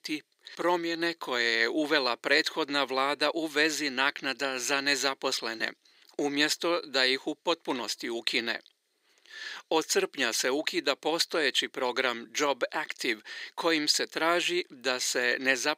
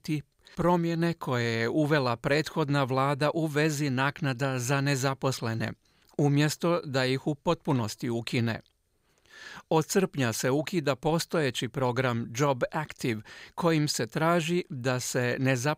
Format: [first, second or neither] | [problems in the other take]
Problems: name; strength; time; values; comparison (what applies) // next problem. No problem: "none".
second | thin; somewhat; fading below 300 Hz